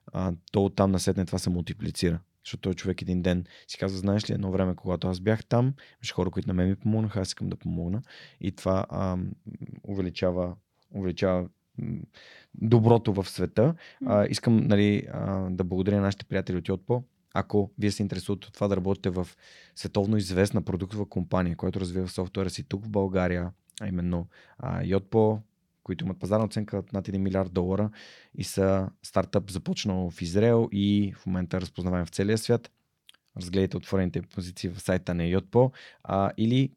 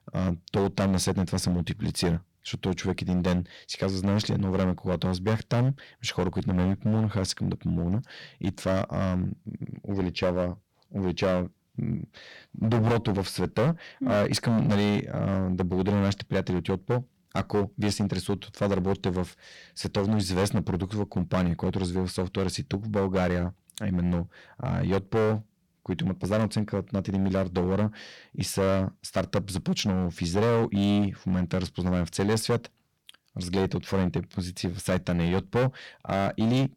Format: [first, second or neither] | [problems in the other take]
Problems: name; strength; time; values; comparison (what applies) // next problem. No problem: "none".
first | distortion; heavy; 10% of the sound clipped